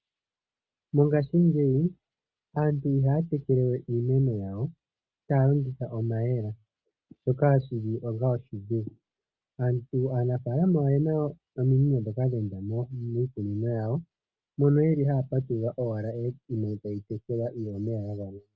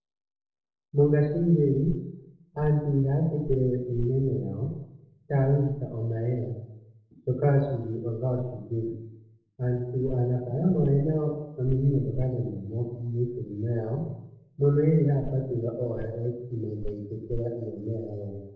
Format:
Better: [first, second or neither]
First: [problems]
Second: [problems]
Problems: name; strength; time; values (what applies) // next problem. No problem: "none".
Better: first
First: none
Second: noise reduction (neural separator model SepFormer DNS4)